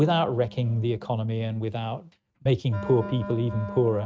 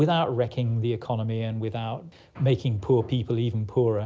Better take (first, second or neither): second